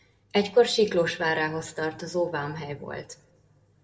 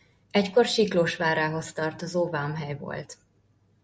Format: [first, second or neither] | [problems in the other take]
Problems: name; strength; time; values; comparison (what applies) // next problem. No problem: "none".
second | room echo; dies away in 0.7 s